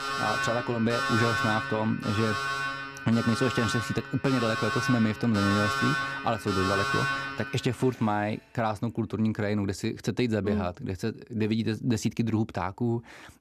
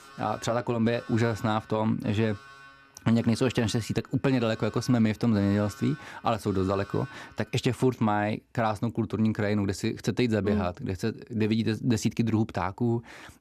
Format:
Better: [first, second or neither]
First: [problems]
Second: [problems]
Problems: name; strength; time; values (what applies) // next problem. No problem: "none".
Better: second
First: alarms or sirens; loud; until 8.5 s; 2 dB below the speech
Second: alarms or sirens; faint; until 8.5 s; 20 dB below the speech